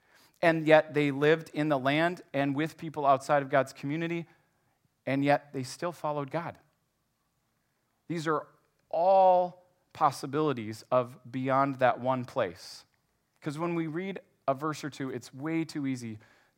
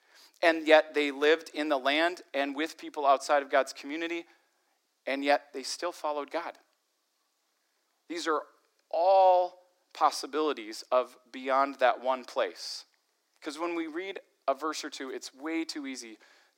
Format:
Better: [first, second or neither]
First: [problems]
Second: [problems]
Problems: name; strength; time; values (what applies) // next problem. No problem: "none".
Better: first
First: none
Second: thin; somewhat; fading below 300 Hz